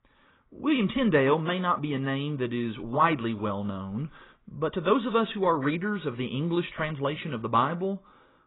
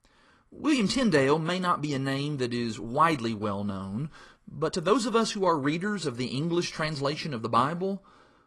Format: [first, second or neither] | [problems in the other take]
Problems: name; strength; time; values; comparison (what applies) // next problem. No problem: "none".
second | garbled, watery; badly; nothing above 4 kHz; slightly in the second